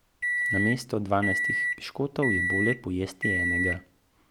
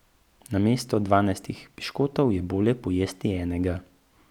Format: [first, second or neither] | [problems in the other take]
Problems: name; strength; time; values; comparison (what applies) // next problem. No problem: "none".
second | background sound (Microwave oven); 1 dB above the speech